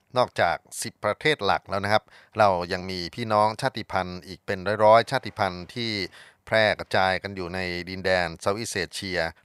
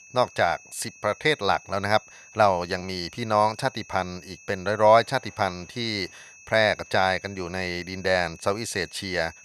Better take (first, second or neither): first